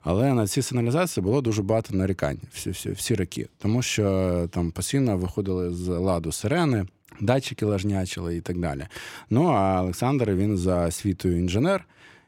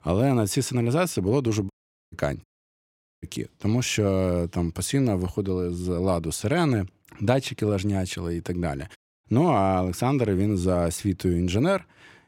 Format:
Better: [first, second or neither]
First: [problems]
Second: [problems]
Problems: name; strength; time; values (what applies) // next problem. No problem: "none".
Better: first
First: none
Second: audio cutting out; at 1.5 s, at 2.5 s for 1 s and at 9 s